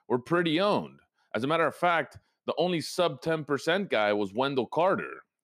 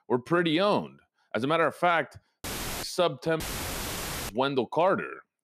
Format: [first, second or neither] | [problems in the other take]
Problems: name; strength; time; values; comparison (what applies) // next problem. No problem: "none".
first | audio cutting out; filled with static; at 2.5 s and at 3.5 s for 1 s